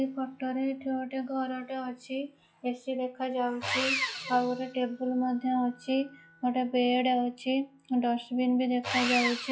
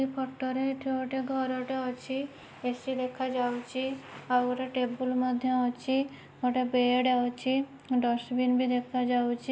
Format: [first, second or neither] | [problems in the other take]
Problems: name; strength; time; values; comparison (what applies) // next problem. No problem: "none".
second | noise reduction (classical method log-MMSE)